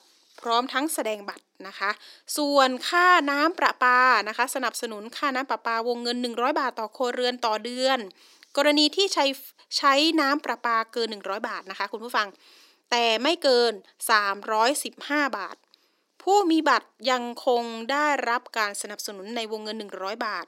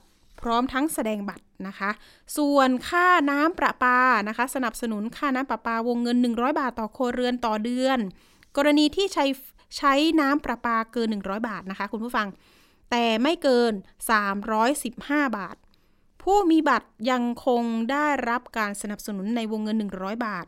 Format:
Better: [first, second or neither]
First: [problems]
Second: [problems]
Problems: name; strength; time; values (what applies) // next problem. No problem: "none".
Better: second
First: thin; somewhat; fading below 300 Hz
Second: none